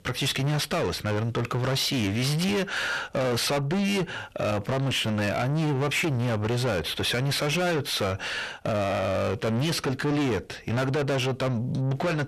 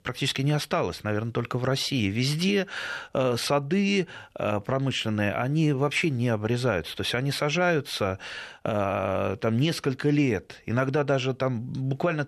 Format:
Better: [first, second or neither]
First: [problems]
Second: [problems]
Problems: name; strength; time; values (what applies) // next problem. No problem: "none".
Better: second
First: distortion; heavy; 6 dB below the speech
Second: none